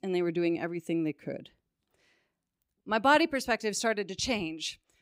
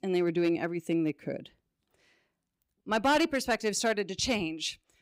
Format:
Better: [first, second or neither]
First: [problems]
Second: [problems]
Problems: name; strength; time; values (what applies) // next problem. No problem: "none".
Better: first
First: none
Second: distortion; slight; 3% of the sound clipped